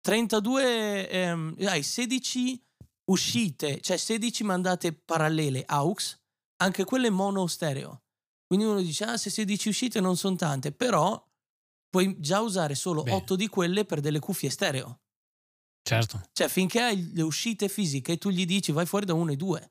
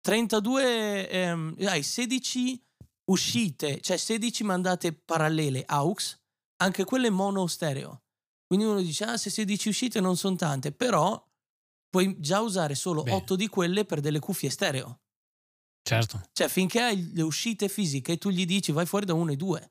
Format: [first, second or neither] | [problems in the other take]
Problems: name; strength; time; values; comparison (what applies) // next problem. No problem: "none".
neither | none